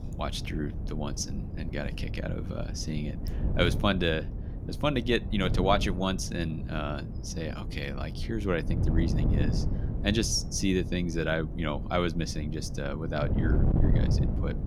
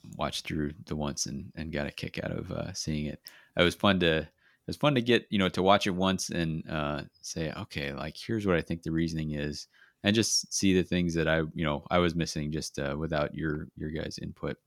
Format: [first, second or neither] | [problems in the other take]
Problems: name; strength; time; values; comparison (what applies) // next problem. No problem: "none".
second | wind noise on the microphone; occasional gusts; 10 dB below the speech